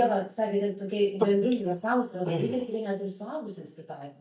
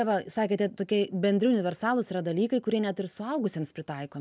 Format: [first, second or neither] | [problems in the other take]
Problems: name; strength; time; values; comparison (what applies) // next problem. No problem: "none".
second | noise reduction (neural mask model DeepFilterNet 3)